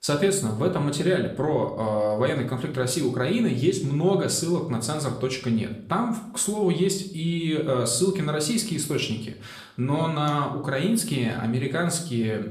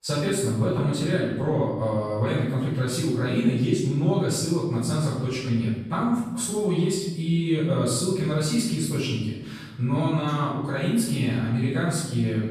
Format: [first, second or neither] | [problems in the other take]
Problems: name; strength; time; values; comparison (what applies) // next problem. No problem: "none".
first | room echo; strong; dies away in 1.1 s; slight in the first // off-mic speech; far; somewhat distant in the first